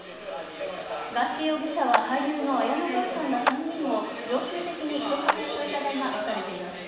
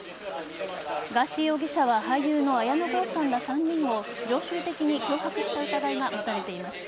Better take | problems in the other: second | background sound (Clapping); 6 dB below the speech // room echo; dies away in 1.2 s

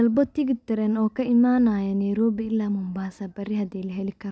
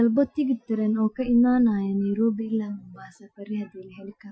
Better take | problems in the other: first | noise reduction (classical method Wiener filter)

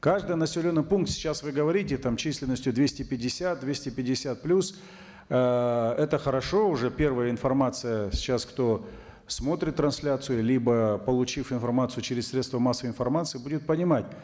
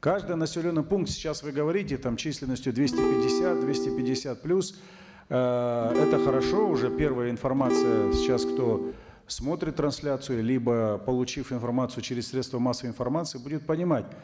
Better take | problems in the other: first | background sound (Acoustic guitar / Strum); 2 dB above the speech

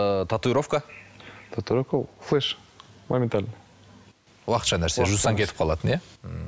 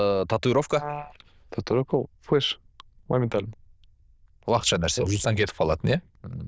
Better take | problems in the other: first | noise reduction (neural diffusion model UNIVERSE++)

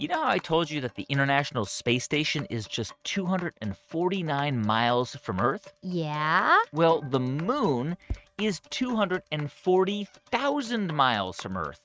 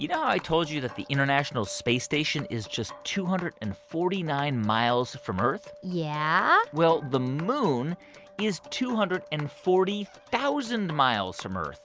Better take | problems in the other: second | noise reduction (neural mask model RNNoise)

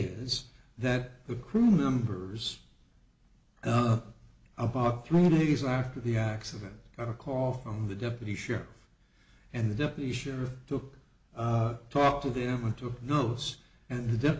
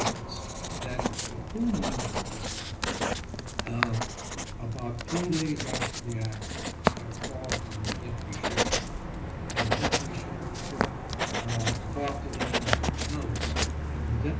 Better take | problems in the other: first | background sound (Writing); 4 dB above the speech // room echo; dies away in 0.3 s

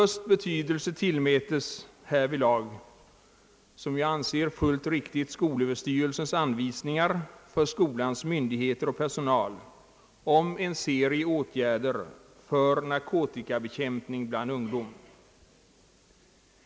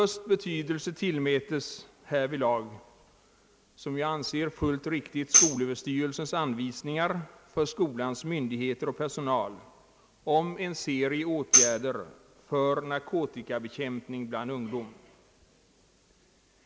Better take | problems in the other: first | background sound (Tambourine); 4 dB above the speech

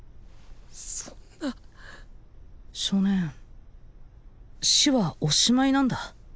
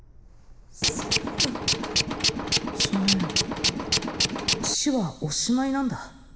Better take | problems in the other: first | background sound (Tools); 4 dB above the speech // room echo; dies away in 1.3 s

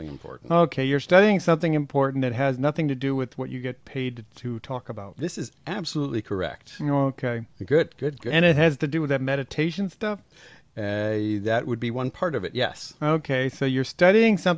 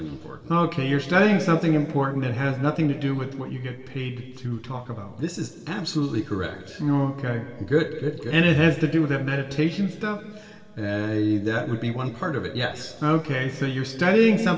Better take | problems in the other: first | room echo; dies away in 1.9 s

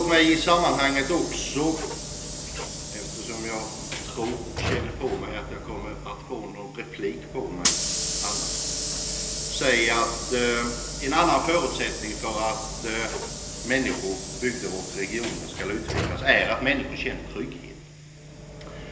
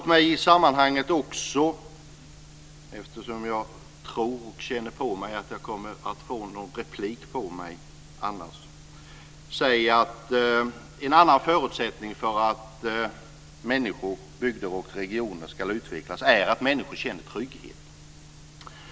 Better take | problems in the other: second | background sound (Sliding door / Hiss); 5 dB below the speech // room echo; dies away in 1.4 s

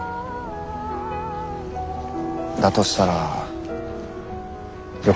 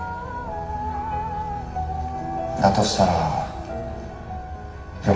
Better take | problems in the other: first | room echo; dies away in 2.1 s

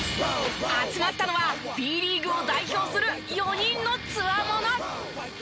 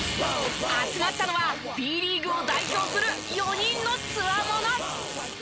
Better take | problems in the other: first | background sound (Fart); 10 dB below the speech

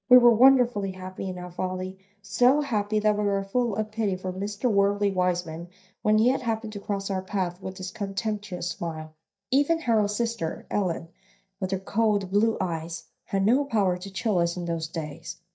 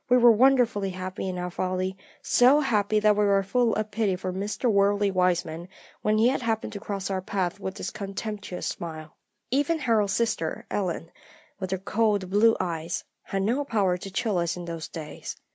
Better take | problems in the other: second | noise reduction (neural mask model DeepFilterNet 3)

